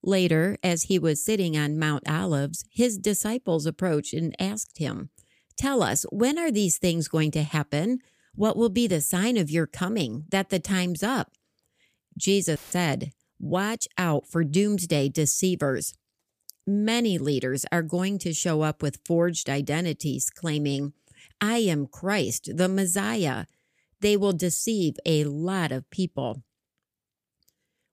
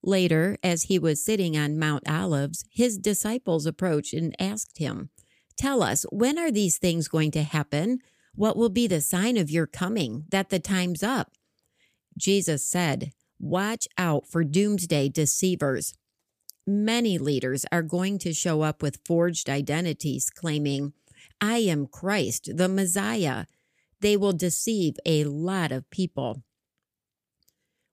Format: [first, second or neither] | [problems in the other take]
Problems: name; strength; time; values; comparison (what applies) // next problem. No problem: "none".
second | audio cutting out; filled with static; at 13 s